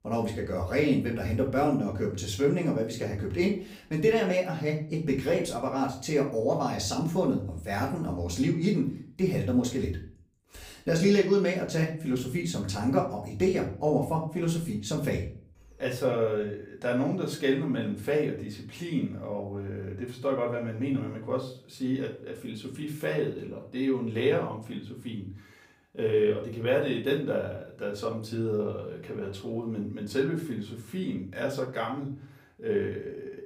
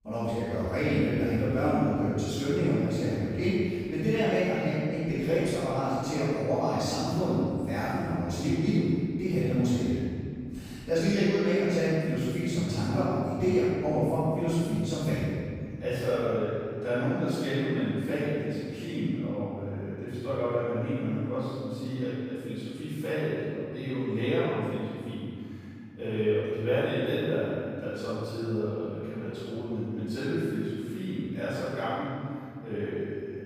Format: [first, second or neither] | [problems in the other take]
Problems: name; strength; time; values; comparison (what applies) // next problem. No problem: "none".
first | room echo; strong; dies away in 2.4 s; slight in the first // off-mic speech; far; far in the first